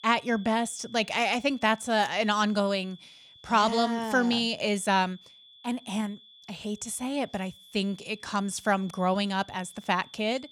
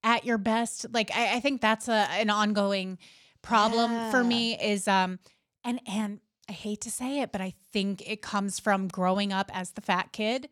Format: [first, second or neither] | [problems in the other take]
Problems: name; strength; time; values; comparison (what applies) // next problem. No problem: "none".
second | high-pitched whine; faint; throughout; 3.5 kHz, 25 dB below the speech